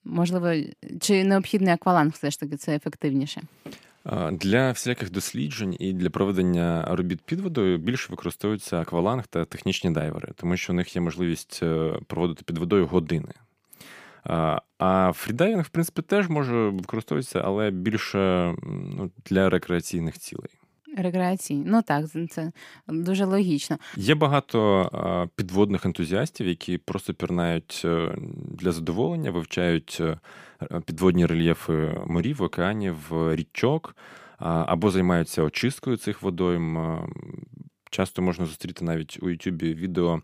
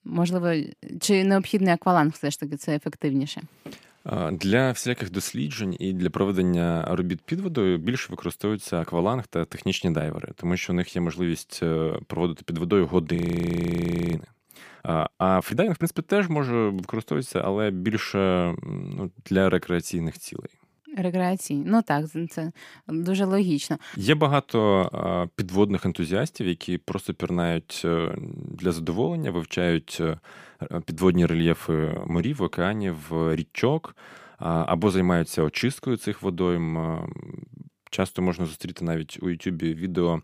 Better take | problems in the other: first | audio freezing; at 13 s for 1 s

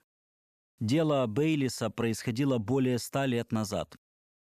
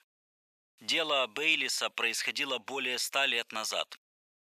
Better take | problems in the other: first | thin; very; fading below 800 Hz

